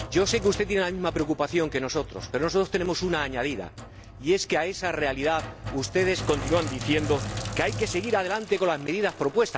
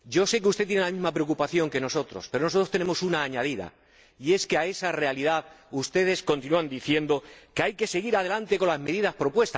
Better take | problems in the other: second | background sound (Sink (filling or washing)); 10 dB below the speech

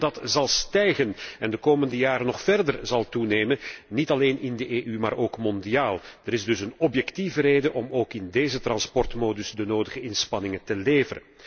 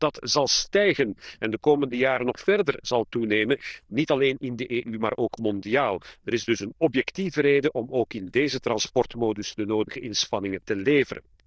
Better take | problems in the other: first | noise reduction (neural diffusion model UNIVERSE++)

